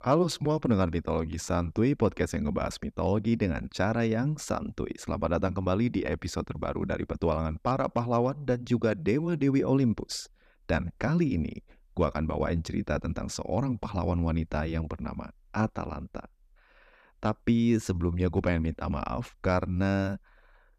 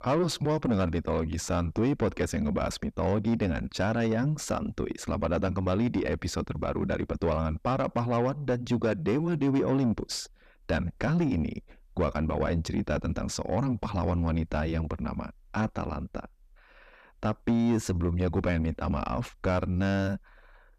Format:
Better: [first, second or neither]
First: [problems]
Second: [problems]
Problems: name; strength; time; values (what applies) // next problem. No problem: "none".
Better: first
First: none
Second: distortion; slight; 10 dB below the speech